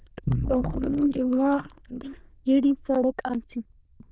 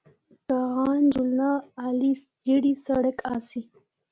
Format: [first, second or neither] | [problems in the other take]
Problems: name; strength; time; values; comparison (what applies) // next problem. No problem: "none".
second | noise reduction (neural diffusion model UNIVERSE++)